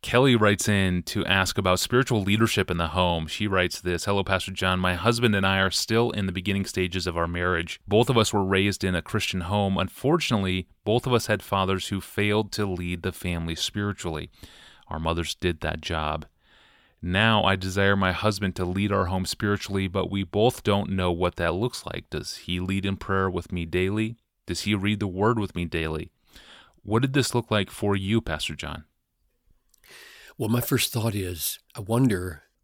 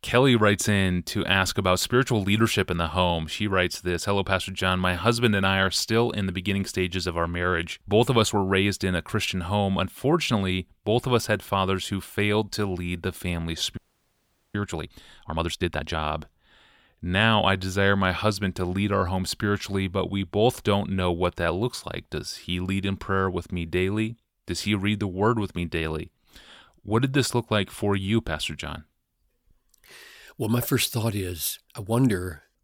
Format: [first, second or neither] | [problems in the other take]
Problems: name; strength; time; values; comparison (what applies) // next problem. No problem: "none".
first | audio freezing; at 14 s for 1 s